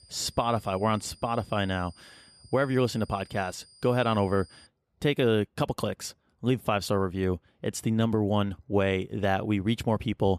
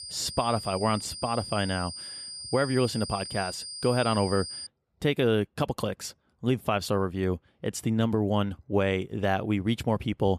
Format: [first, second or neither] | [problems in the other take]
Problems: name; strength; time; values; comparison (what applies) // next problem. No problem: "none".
first | high-pitched whine; loud; until 4.5 s; 5 kHz, 8 dB below the speech; faint in the first